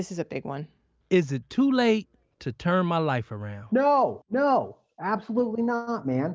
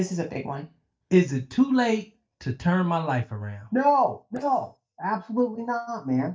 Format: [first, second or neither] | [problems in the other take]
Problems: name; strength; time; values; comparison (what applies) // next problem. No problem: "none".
first | noise reduction (neural mask model DeepFilterNet 3)